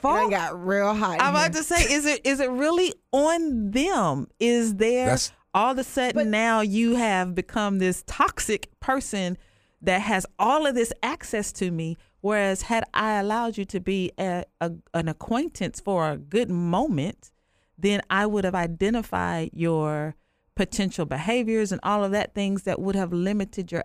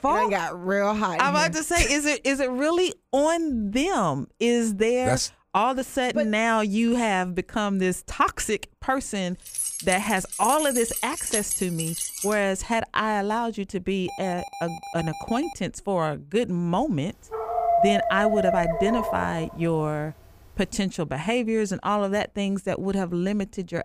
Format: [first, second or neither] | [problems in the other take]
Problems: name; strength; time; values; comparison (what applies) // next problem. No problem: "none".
first | jangling keys; noticeable; from 9.5 to 12 s; peak level with the speech // alarm; faint; from 14 to 16 s; peak 10 dB below the speech // dog barking; loud; from 17 to 19 s; peak 3 dB above the speech